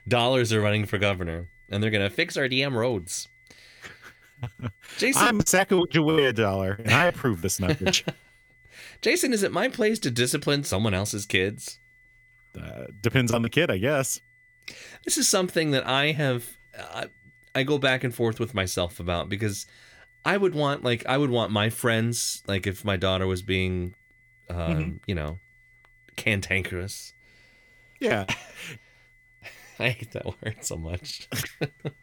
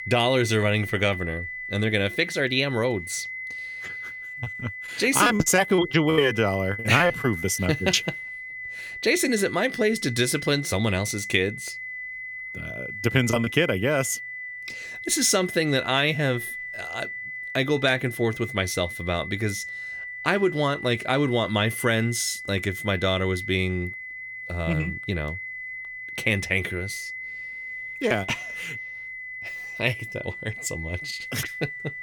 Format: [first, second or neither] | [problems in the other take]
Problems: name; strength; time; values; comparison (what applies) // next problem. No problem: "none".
first | high-pitched whine; loud; throughout; 2 kHz, 9 dB below the speech; faint in the first